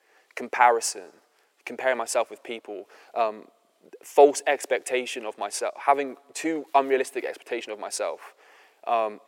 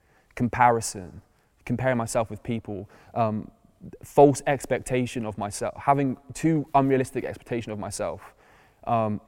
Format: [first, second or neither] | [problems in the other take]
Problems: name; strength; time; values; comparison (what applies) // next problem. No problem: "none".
second | thin; somewhat; fading below 400 Hz